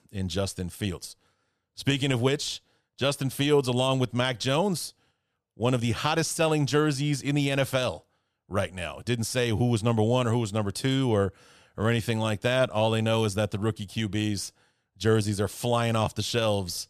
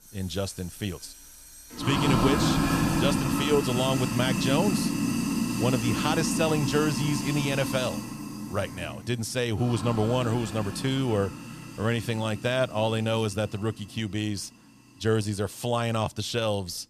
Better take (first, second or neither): first